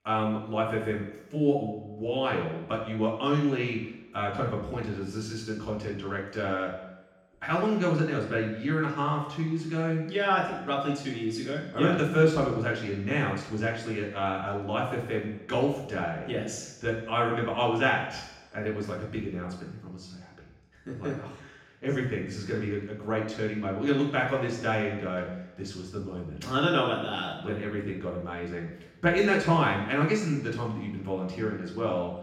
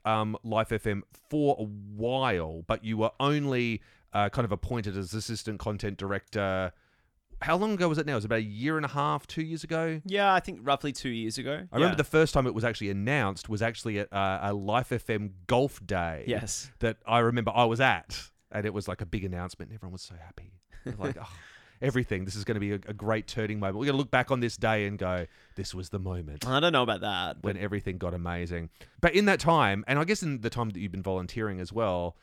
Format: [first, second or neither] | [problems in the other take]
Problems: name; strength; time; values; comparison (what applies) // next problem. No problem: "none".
second | room echo; noticeable; dies away in 0.9 s // off-mic speech; far